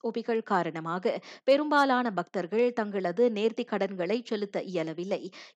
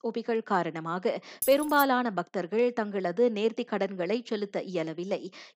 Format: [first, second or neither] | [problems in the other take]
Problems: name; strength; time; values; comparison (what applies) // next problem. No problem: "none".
first | jangling keys; noticeable; at 1.5 s; peak 5 dB below the speech